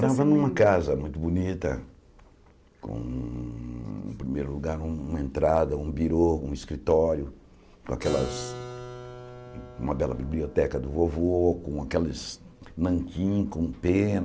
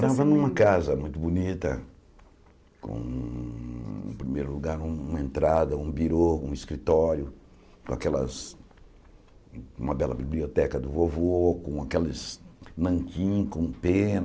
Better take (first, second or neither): second